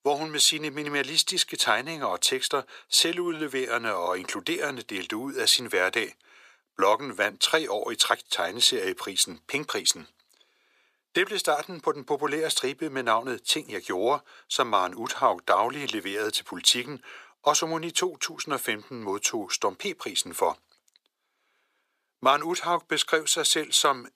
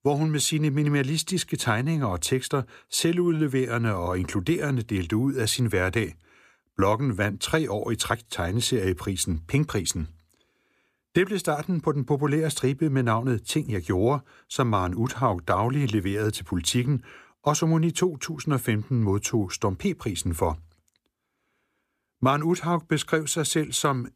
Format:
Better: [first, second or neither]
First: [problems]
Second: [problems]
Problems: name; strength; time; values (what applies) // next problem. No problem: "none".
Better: second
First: thin; very; fading below 550 Hz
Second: none